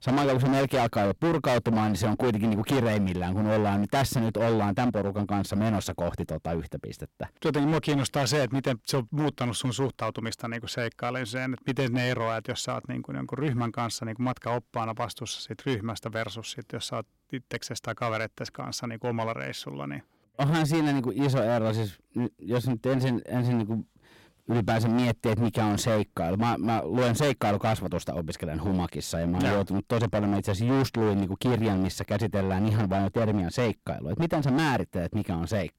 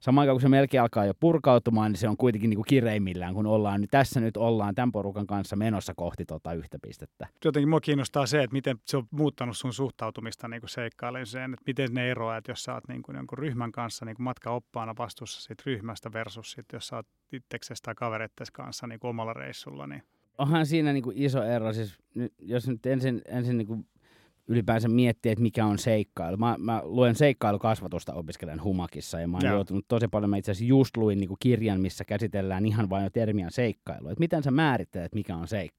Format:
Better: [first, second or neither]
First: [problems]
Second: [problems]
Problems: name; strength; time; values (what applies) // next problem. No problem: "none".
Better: second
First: distortion; heavy; 15% of the sound clipped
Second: none